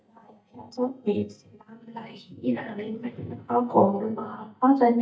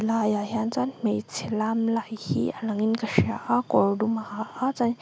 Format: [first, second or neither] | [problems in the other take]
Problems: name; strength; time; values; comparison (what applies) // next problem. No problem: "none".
second | noise reduction (neural mask model DeepFilterNet 3)